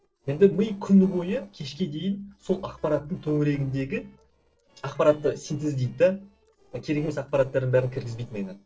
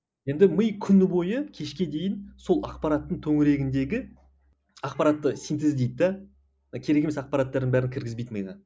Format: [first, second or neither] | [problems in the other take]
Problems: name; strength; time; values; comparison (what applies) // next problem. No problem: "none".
second | noise reduction (neural separator model SepFormer DNS4)